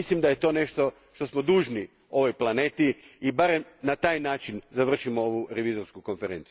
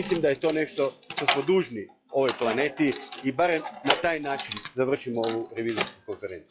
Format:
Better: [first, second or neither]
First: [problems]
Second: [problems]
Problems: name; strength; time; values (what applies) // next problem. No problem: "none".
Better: first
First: none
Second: noise reduction (classical method log-MMSE)